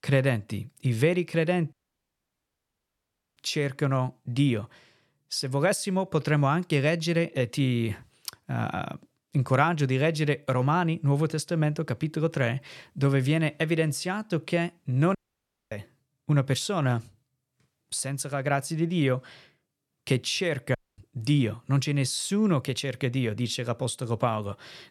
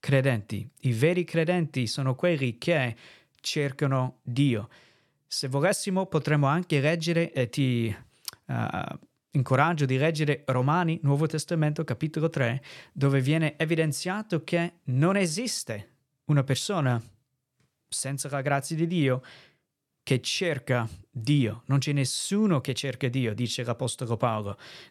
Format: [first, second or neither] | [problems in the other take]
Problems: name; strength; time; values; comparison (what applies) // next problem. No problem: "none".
second | audio cutting out; at 1.5 s for 1.5 s, at 15 s for 0.5 s and at 21 s